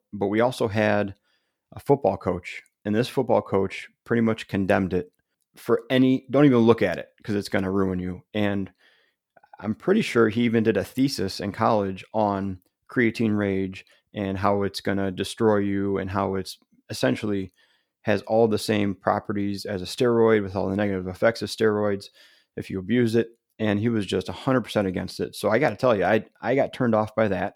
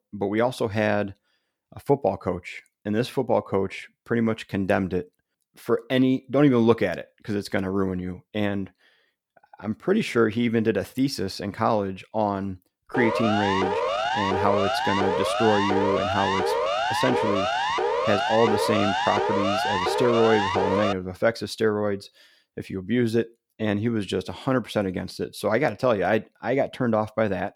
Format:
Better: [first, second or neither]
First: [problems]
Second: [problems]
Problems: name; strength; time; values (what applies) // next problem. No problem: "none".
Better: first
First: none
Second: siren; loud; from 13 to 21 s; peak 1 dB above the speech